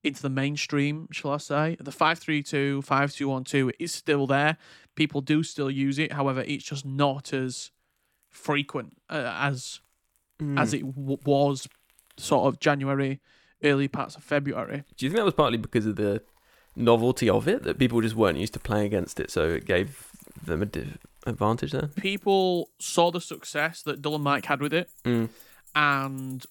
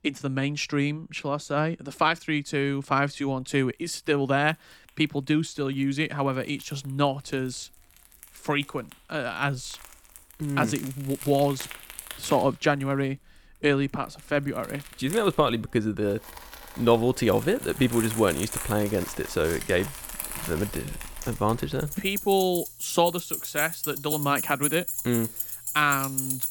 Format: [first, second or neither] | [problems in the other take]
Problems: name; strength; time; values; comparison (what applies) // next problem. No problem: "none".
first | household noises; loud; throughout; 7 dB below the speech; faint in the first